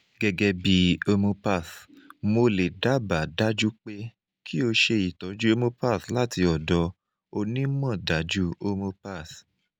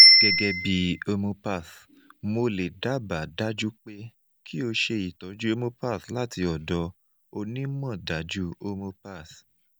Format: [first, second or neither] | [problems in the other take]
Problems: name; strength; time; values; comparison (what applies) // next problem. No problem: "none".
first | background sound (Bicycle bell); 3 dB above the speech